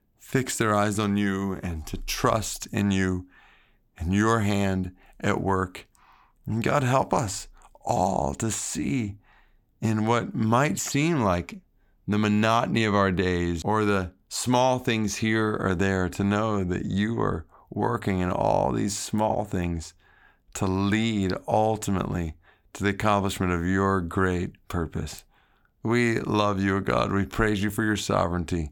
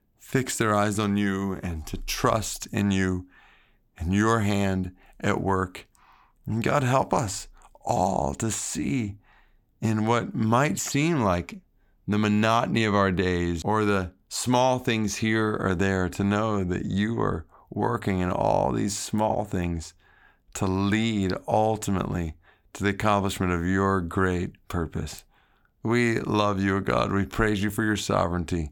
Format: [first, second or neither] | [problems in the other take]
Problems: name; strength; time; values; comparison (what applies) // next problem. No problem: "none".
neither | none